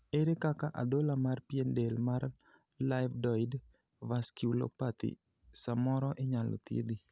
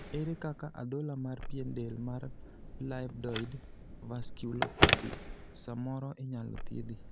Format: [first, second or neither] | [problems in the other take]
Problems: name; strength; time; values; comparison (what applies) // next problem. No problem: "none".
first | background sound (Telephone); 2 dB above the speech